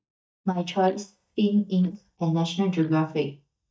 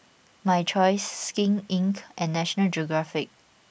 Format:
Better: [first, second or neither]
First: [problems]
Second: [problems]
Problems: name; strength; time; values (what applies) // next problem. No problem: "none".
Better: second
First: noise reduction (neural mask model DeepFilterNet 3)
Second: none